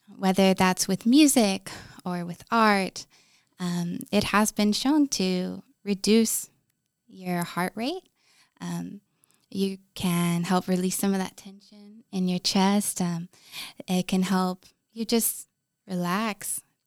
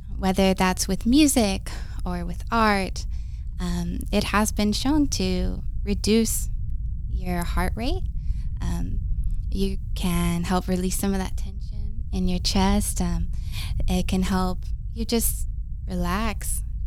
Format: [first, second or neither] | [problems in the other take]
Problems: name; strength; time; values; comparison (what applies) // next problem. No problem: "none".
first | low rumble; faint; throughout; 25 dB below the speech